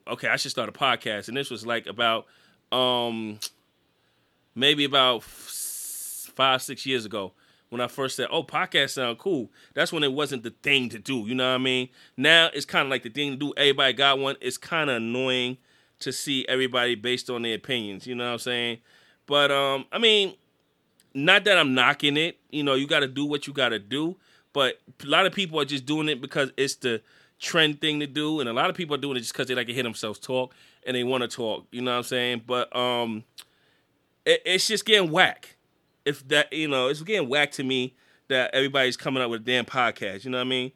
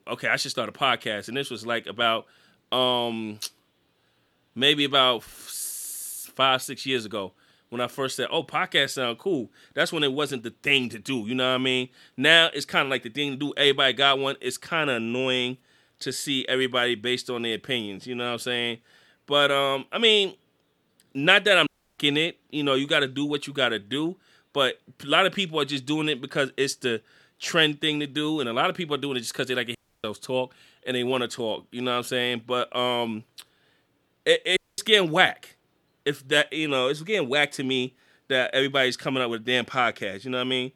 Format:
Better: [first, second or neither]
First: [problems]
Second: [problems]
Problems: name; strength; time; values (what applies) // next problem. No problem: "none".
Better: first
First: none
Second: audio cutting out; at 22 s, at 30 s and at 35 s